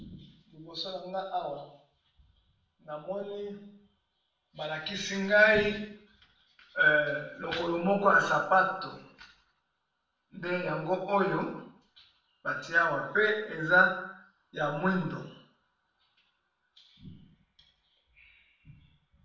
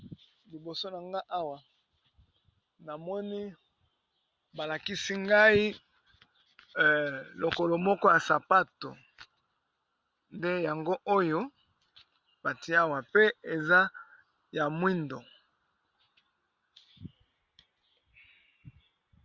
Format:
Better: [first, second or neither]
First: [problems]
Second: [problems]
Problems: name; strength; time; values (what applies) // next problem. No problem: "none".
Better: second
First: room echo; dies away in 0.6 s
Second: none